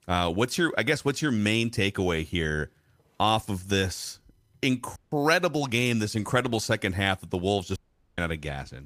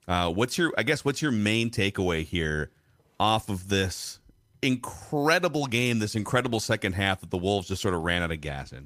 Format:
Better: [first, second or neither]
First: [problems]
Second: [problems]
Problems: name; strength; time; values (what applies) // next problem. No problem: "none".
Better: second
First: audio cutting out; at 5 s and at 8 s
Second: none